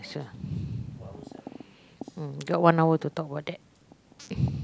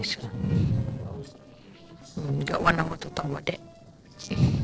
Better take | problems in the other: first | noise reduction (neural separator model SepFormer DNS4)

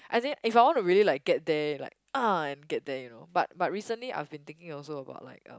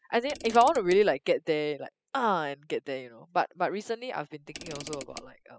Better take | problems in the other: first | noise reduction (classical method spectral subtraction)

